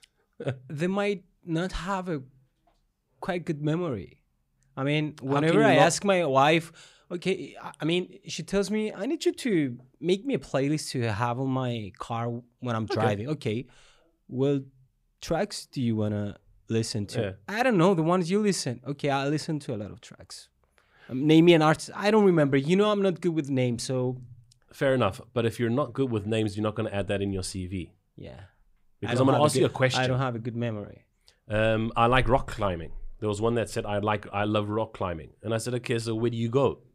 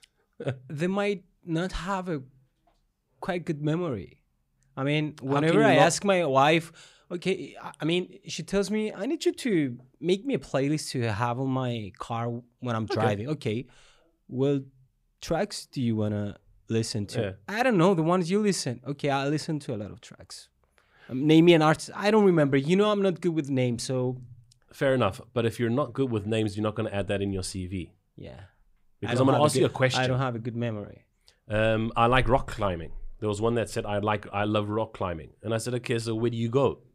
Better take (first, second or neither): neither